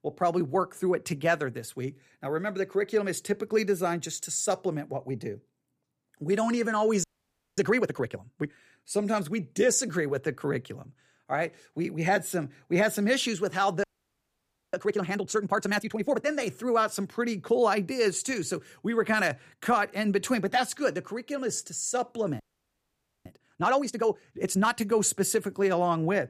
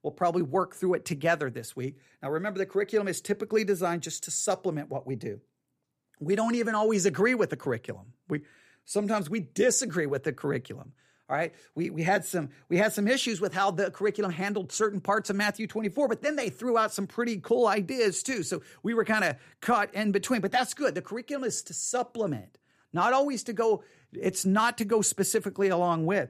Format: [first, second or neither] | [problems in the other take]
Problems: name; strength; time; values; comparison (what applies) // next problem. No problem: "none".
second | audio freezing; at 7 s for 0.5 s, at 14 s for 1 s and at 22 s for 1 s